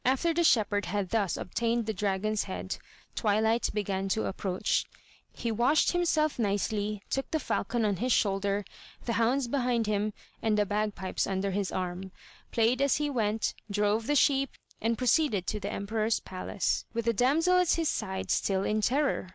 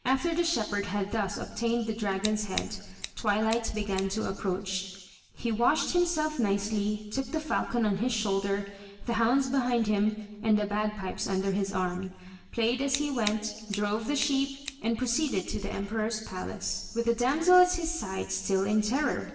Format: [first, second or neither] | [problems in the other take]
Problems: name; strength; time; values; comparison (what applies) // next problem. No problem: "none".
first | background sound (Scissors); 12 dB below the speech // room echo; dies away in 1.2 s